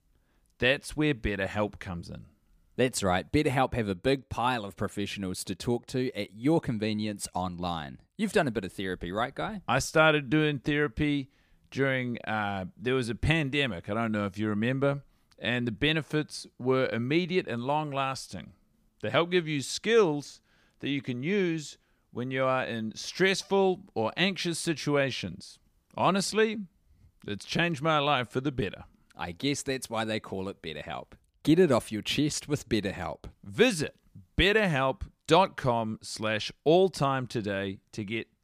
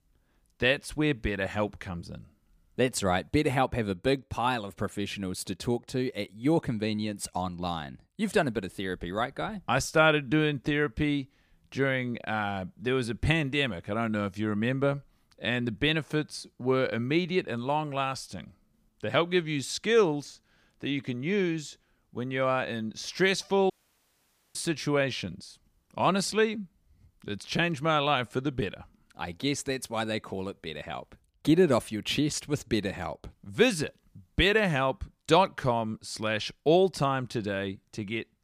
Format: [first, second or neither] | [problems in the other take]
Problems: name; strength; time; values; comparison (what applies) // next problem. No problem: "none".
first | audio cutting out; at 24 s for 1 s